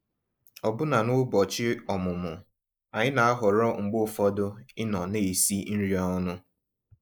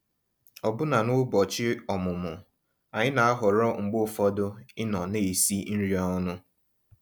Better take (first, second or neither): second